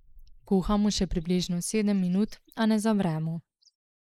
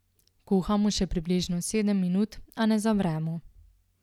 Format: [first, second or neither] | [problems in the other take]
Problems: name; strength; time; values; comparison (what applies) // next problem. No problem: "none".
second | noise reduction (neural mask model Resemble Enhance denoiser)